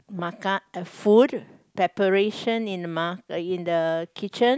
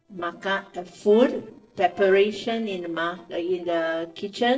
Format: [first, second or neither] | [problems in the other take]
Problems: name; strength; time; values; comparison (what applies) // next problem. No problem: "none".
first | noise reduction (neural separator model SepFormer DNS4)